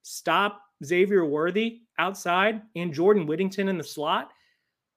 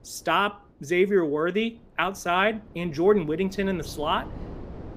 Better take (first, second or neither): first